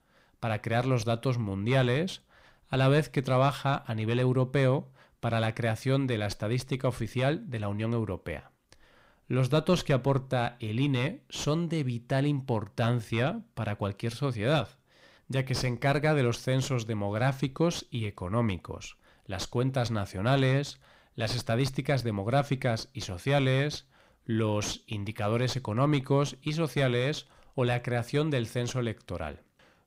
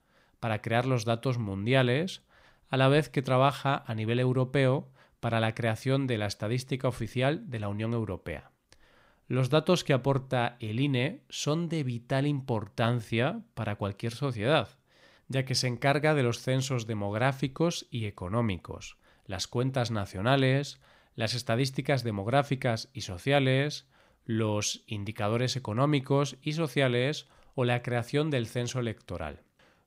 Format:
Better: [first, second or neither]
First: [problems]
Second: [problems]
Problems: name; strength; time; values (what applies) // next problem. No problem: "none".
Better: second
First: distortion; slight; 10 dB below the speech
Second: none